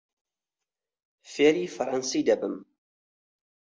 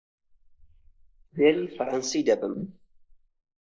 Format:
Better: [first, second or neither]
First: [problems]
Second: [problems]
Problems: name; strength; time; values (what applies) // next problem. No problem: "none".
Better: first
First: none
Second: noise reduction (neural mask model Resemble Enhance denoiser)